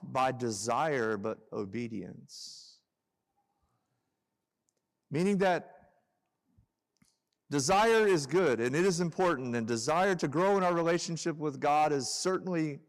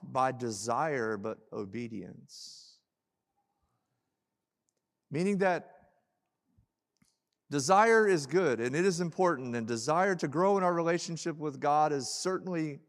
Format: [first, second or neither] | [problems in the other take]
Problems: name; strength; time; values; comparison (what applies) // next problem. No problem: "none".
second | distortion; slight; 4% of the sound clipped